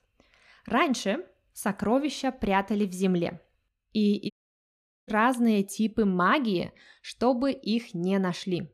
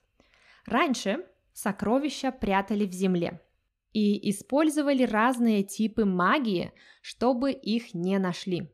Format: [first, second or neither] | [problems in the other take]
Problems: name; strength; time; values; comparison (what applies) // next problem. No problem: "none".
second | audio cutting out; at 4.5 s for 1 s